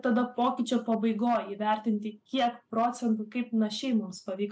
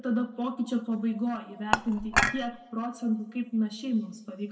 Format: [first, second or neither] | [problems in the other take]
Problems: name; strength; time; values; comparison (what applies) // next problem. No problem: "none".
first | background sound (Dishes, pots, and pans / Chink, clink); 2 dB above the speech // room echo; dies away in 1.8 s